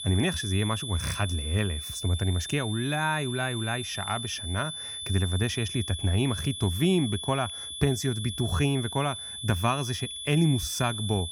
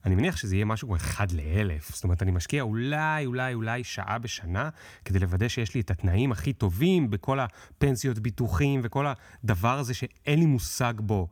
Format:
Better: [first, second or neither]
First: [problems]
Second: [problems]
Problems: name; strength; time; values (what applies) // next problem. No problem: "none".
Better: second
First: high-pitched whine; loud; throughout; 3.5 kHz, 6 dB below the speech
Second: none